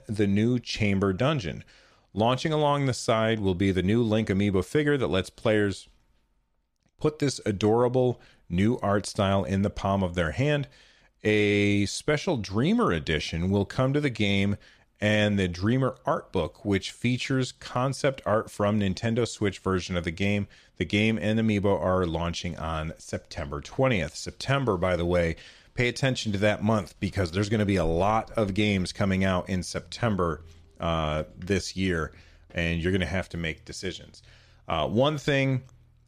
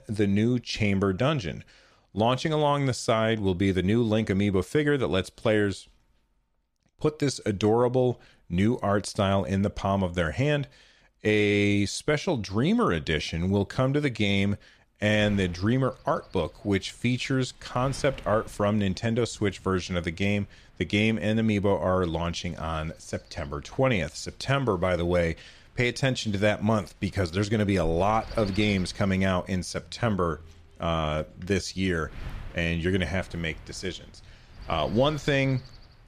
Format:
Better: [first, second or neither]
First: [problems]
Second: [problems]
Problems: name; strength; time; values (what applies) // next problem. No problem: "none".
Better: first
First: none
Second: wind noise on the microphone; occasional gusts; from 15 s on; 25 dB below the speech